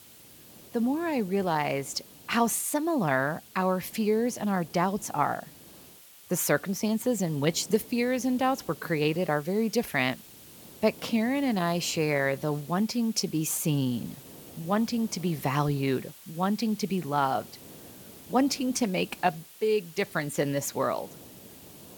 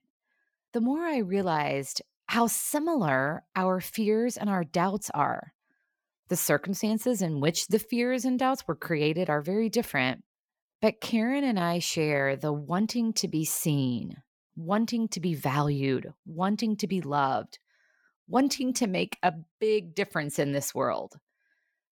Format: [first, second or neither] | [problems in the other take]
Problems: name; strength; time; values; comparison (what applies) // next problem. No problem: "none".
second | hiss; noticeable; throughout; 20 dB below the speech